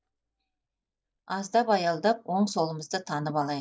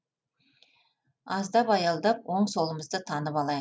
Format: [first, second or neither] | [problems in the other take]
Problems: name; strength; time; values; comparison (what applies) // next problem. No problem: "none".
second | noise reduction (neural mask model DeepFilterNet 3)